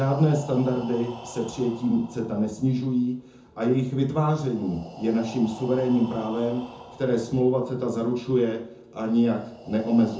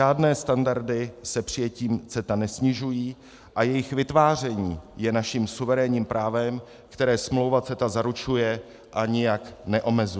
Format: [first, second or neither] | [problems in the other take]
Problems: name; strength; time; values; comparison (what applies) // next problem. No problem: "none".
second | background sound (Breathing); 19 dB below the speech // room echo; dies away in 0.6 s